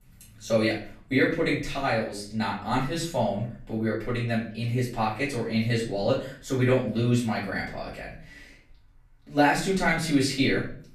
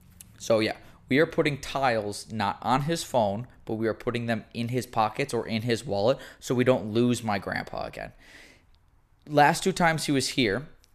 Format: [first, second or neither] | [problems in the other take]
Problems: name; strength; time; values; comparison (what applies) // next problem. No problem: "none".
second | off-mic speech; far // room echo; slight; dies away in 0.4 s